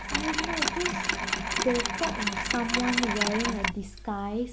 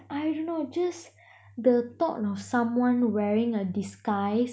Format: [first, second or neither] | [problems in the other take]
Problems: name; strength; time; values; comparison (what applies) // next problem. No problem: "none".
second | background sound (Mechanisms); 1 dB above the speech